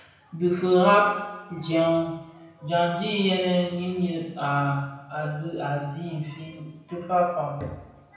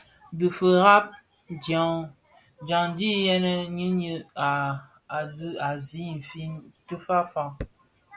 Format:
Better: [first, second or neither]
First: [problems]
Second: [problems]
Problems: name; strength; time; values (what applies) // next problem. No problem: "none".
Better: second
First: room echo; dies away in 0.9 s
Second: none